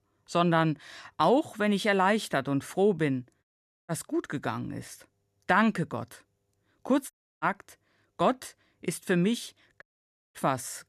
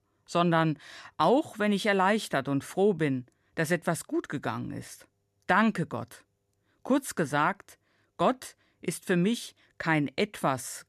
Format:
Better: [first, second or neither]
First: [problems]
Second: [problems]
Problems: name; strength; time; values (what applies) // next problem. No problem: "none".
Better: second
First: audio cutting out; at 3.5 s, at 7 s and at 10 s for 0.5 s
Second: none